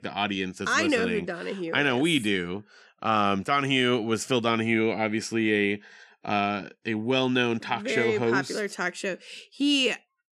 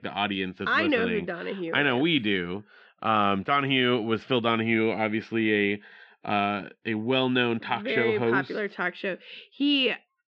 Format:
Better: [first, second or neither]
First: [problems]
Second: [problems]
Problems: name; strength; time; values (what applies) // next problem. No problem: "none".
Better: first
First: none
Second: muffled; slightly; fading above 3.5 kHz